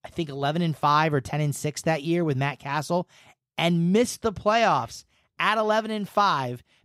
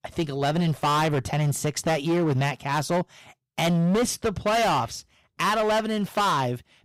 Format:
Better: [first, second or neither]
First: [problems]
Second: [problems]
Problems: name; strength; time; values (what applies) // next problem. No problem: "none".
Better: first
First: none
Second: distortion; heavy; 18% of the sound clipped